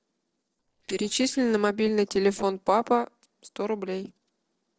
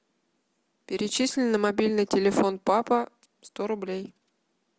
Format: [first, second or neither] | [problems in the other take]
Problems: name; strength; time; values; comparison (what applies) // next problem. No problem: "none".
second | noise reduction (neural separator model SepFormer DNS4)